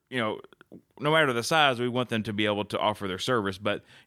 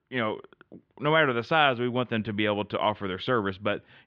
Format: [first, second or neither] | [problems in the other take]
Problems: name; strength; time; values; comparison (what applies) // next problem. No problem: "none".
first | muffled; very; fading above 3 kHz